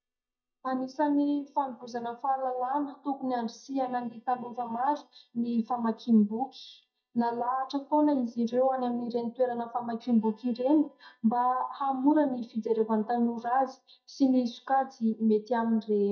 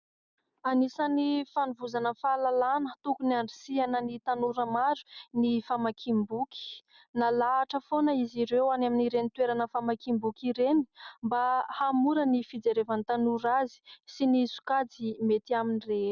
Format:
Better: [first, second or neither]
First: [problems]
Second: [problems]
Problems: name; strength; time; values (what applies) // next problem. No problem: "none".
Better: second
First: noise reduction (neural mask model DeepFilterNet 3)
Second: none